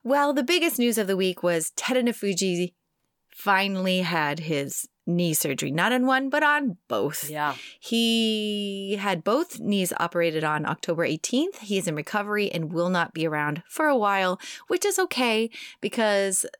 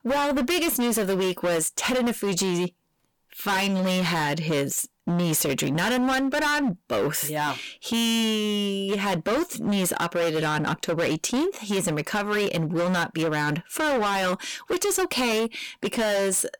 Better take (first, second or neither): first